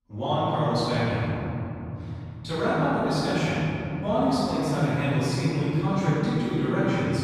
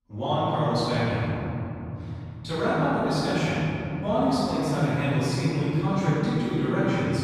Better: neither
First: off-mic speech; far // room echo; strong; dies away in 3 s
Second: off-mic speech; far // room echo; strong; dies away in 3 s

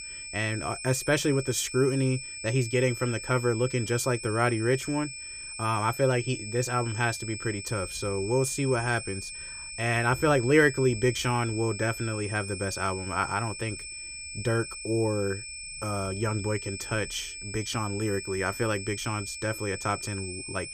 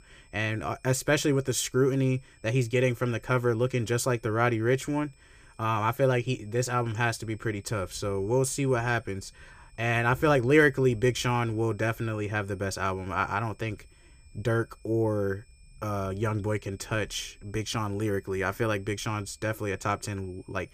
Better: second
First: high-pitched whine; loud; throughout; 2.5 kHz, 8 dB below the speech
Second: high-pitched whine; faint; throughout; 2.5 kHz, 35 dB below the speech

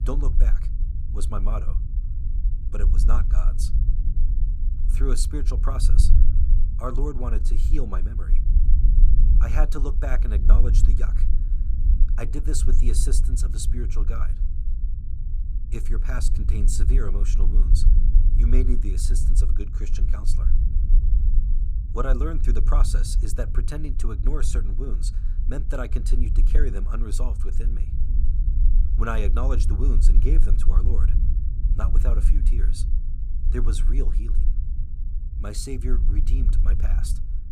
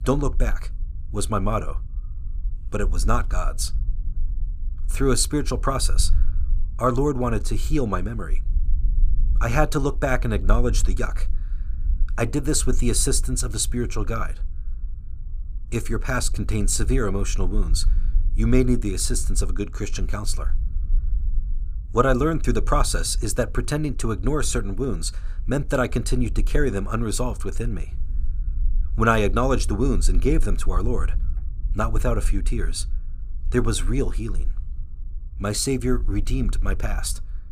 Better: second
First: low rumble; loud; throughout; 8 dB below the speech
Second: low rumble; faint; throughout; 25 dB below the speech

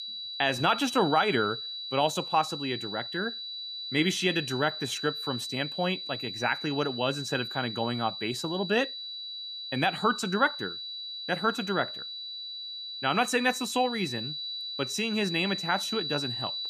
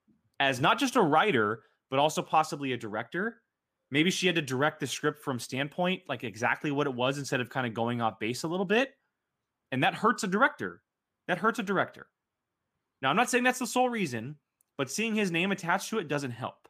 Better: second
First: high-pitched whine; loud; throughout; 4 kHz, 6 dB below the speech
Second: none

